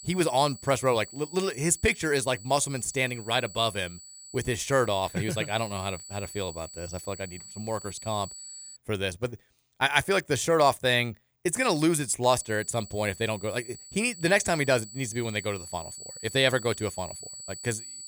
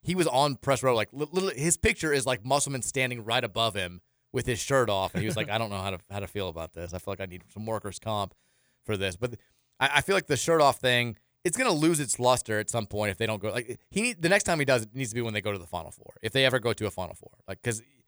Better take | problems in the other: second | high-pitched whine; noticeable; until 9 s and from 12 s on; 8 kHz, 15 dB below the speech

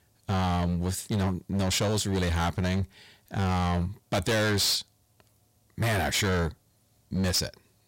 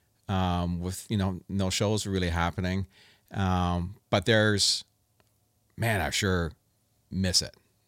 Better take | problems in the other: second | distortion; heavy; 18% of the sound clipped

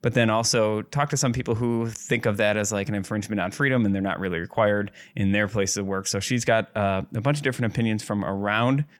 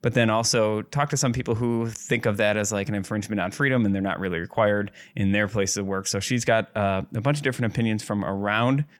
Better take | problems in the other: neither | none

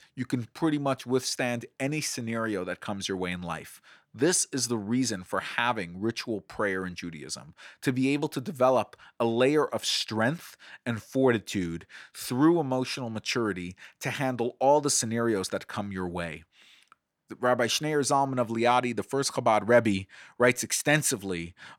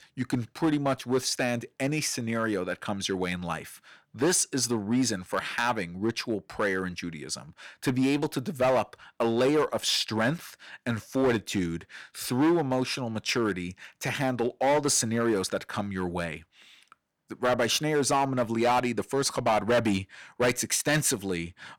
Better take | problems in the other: first | distortion; slight; 5% of the sound clipped

